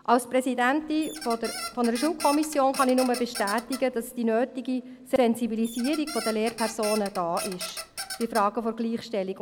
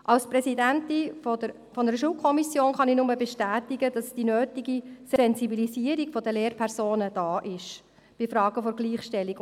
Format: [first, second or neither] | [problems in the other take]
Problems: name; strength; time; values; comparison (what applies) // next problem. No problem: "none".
second | background sound (Squeak); 12 dB below the speech